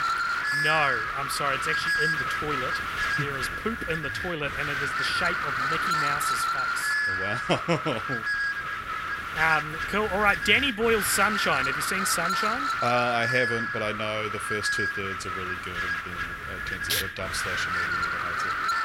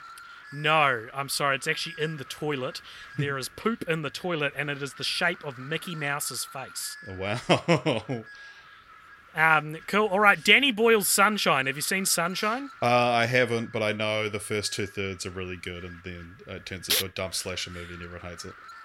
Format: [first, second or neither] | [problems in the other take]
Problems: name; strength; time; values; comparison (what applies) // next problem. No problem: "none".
second | wind noise on the microphone; heavy; 2 dB above the speech; occasional gusts in the second